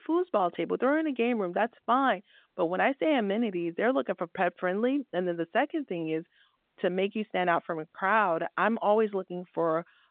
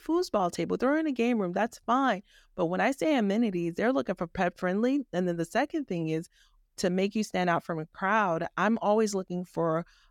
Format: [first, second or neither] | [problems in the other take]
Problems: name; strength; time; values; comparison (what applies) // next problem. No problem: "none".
second | phone-call audio